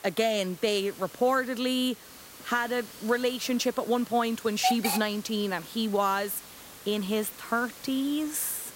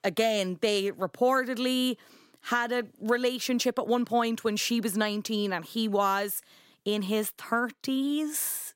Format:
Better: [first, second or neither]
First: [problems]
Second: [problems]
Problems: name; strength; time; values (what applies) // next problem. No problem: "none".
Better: second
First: hiss; noticeable; throughout; 10 dB below the speech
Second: none